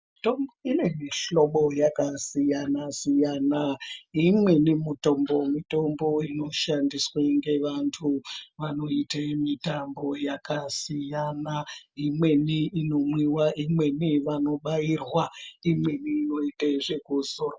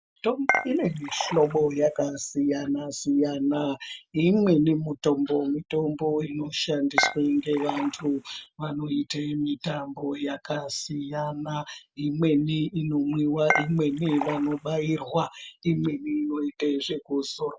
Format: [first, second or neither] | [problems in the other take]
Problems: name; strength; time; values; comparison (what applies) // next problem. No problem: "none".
first | background sound (Dishes, pots, and pans / Chink, clink); 5 dB below the speech